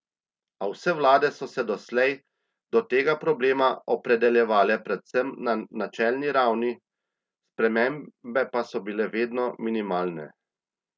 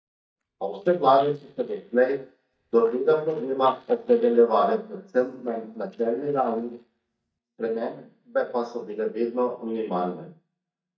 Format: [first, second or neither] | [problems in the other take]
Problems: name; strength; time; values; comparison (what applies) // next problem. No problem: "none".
first | noise reduction (neural mask model DeepFilterNet 3)